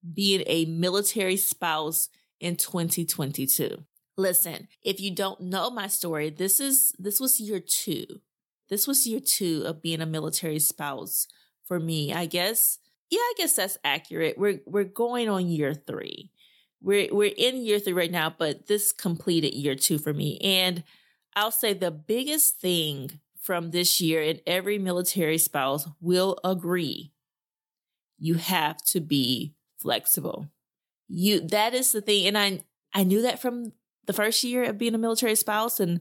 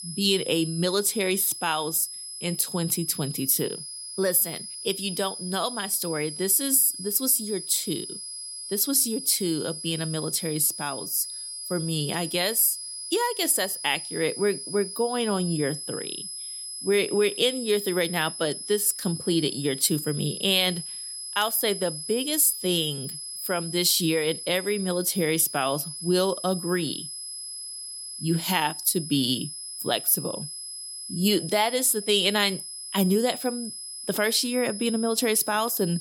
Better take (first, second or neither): first